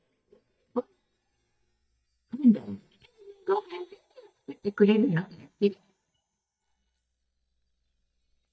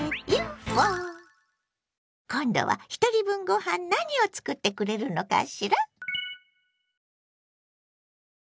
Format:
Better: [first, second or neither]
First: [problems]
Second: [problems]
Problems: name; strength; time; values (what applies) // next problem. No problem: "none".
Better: second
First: noise reduction (neural mask model DeepFilterNet 3)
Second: none